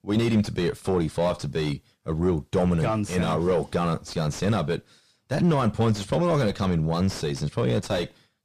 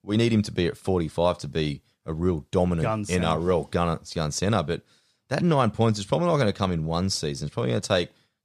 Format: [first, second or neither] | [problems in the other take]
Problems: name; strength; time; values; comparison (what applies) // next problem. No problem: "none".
second | distortion; heavy; 7 dB below the speech